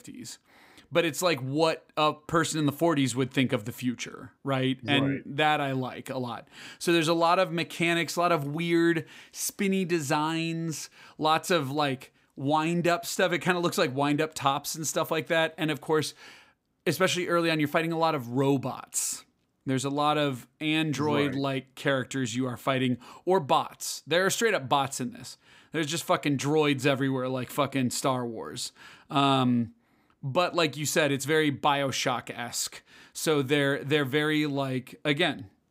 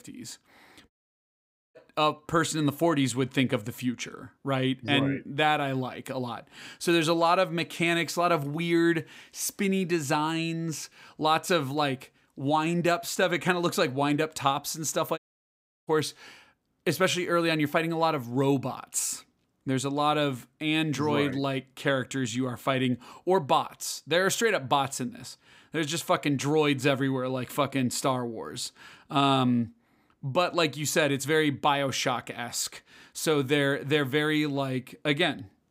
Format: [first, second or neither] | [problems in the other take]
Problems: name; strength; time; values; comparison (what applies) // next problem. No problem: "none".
first | audio cutting out; at 1 s for 1 s and at 15 s for 0.5 s